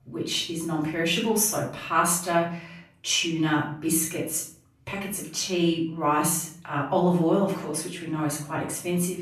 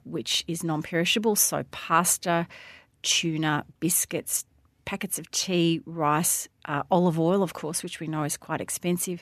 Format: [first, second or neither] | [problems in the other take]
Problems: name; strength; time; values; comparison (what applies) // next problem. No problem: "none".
second | off-mic speech; far // room echo; slight; dies away in 0.4 s